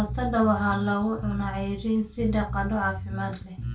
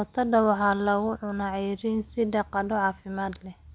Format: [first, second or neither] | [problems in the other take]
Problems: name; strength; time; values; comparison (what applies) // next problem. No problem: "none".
second | background sound (Bass guitar); 7 dB below the speech // room echo; dies away in 0.2 s